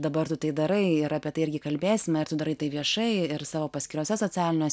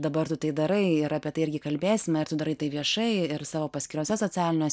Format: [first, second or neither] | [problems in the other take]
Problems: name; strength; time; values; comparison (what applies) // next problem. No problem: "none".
first | noise reduction (neural mask model Resemble Enhance denoiser)